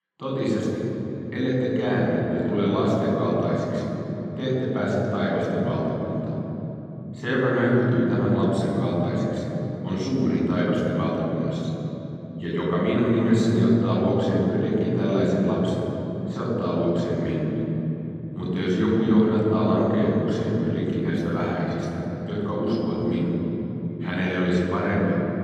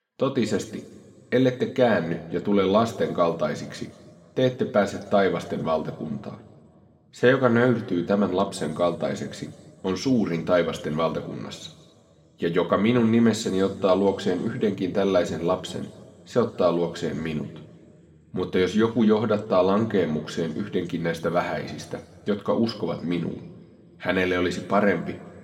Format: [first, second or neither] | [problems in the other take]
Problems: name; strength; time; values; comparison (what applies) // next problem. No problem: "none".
second | room echo; strong; dies away in 3 s; slight in the second // off-mic speech; far